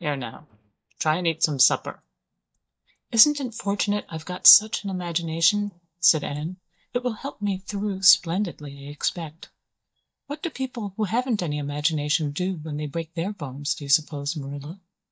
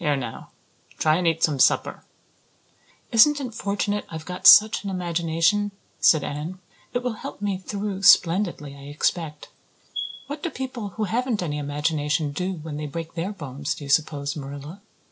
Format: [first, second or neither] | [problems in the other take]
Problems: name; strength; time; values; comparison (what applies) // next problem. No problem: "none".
second | noise reduction (neural mask model DeepFilterNet 3)